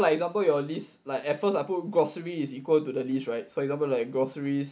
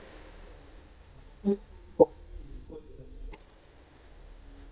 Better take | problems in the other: first | noise reduction (neural mask model DeepFilterNet 3)

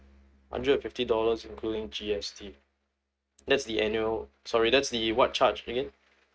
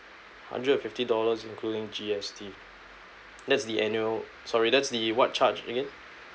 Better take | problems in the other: second | noise reduction (neural mask model RNNoise)

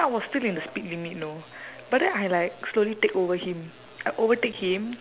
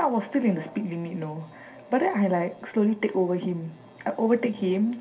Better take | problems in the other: first | room echo; dies away in 0.3 s

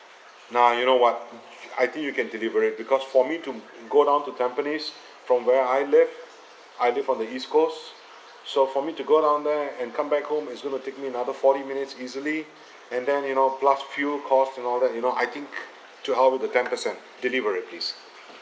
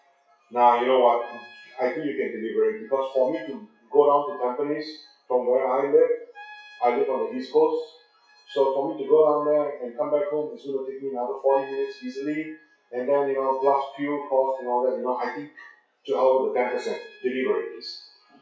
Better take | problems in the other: first | noise reduction (classical method WPE with log-MMSE)

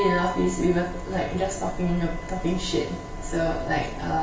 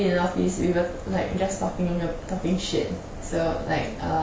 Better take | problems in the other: second | background sound (Wind instrument, woodwind instrument); 13 dB below the speech // room echo; dies away in 2.3 s

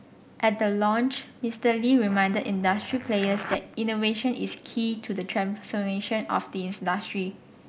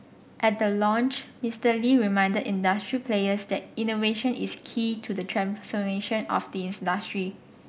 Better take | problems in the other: second | background sound (Zipper (clothing)); 13 dB below the speech

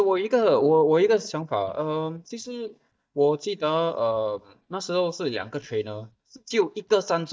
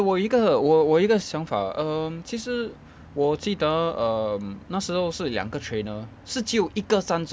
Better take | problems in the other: second | noise reduction (neural mask model DeepFilterNet 3)

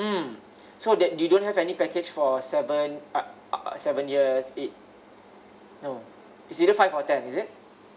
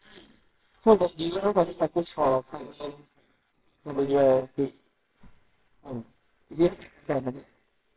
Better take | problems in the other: first | noise reduction (neural separator model SepFormer WHAMR!)

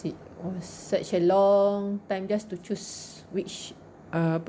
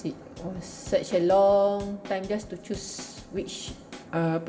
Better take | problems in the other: first | background sound (Drum / Drum kit); 18 dB below the speech // room echo; dies away in 1.5 s

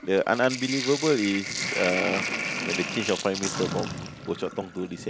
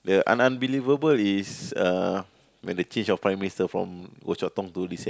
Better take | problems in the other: second | background sound (Sink (filling or washing)); 5 dB below the speech

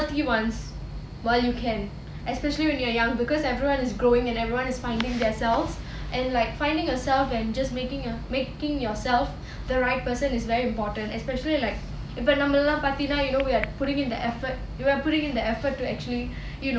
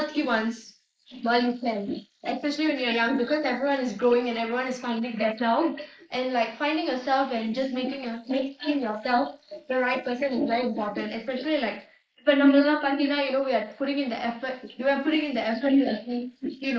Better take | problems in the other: first | noise reduction (neural mask model Resemble Enhance denoiser)

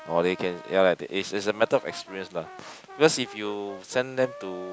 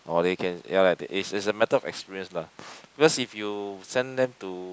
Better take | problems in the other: second | background sound (Brass instrument); 18 dB below the speech

